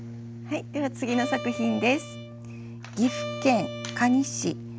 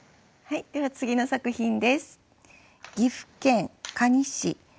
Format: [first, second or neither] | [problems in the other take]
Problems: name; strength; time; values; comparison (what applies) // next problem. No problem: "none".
second | background sound (Brass instrument + Bowed string instrument); 9 dB below the speech